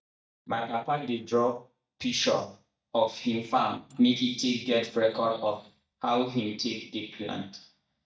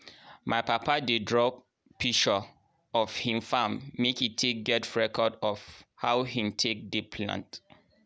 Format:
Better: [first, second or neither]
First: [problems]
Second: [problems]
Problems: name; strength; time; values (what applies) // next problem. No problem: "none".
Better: second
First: noise reduction (neural mask model DeepFilterNet 3)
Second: none